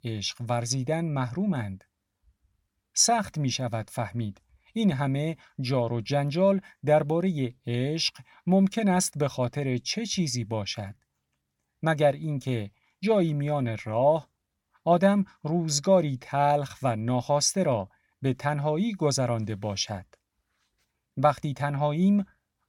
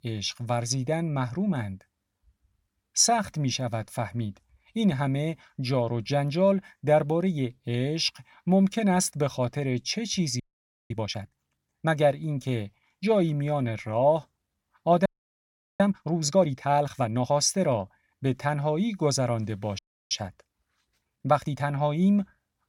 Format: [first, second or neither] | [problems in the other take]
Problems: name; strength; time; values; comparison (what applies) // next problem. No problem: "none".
first | audio freezing; at 10 s for 0.5 s, at 15 s for 0.5 s and at 20 s